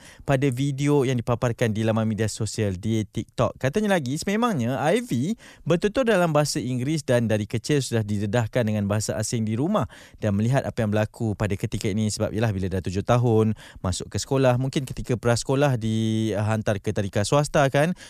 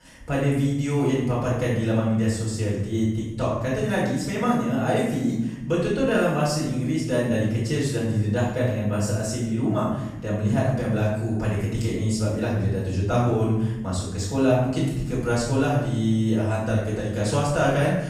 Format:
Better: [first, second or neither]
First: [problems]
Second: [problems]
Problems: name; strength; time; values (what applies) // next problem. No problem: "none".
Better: first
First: none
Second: off-mic speech; far // room echo; noticeable; dies away in 0.9 s